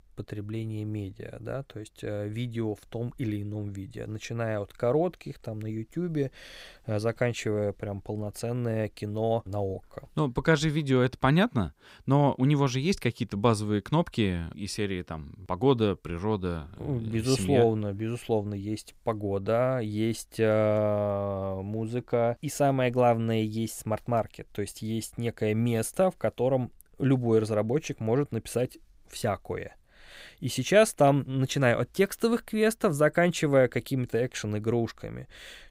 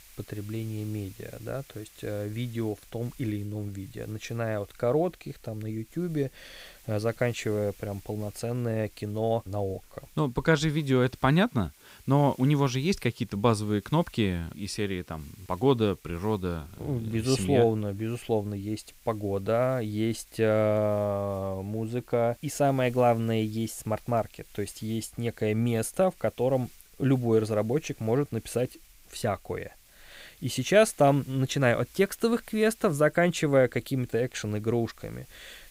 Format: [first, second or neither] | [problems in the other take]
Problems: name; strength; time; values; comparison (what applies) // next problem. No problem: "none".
first | hiss; faint; throughout; 25 dB below the speech